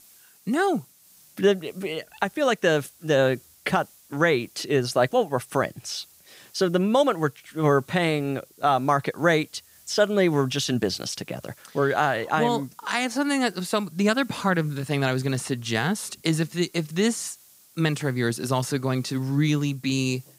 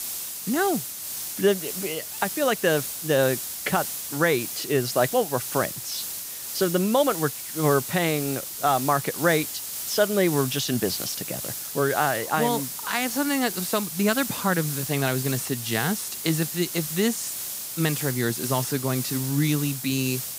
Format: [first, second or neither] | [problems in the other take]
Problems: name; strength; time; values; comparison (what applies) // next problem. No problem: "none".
first | hiss; loud; throughout; 5 dB below the speech; faint in the first